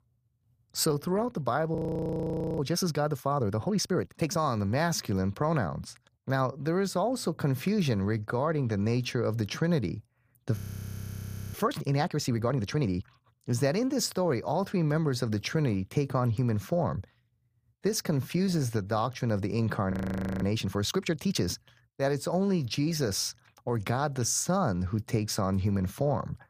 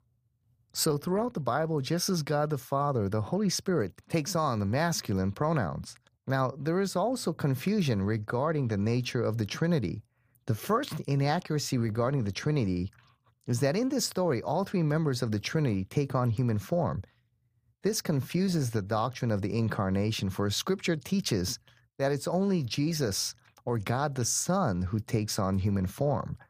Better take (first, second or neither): second